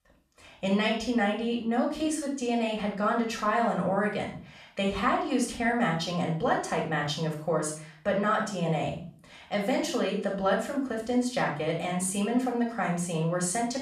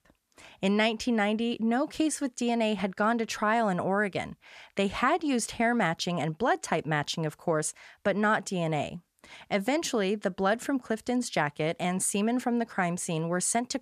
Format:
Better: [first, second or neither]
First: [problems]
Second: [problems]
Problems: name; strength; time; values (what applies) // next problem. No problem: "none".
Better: second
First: off-mic speech; far // room echo; noticeable; dies away in 0.4 s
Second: none